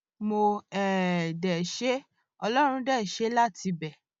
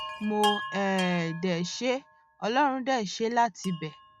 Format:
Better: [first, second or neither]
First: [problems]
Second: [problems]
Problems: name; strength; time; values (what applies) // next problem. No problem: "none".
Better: first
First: none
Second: background sound (Chime); 12 dB below the speech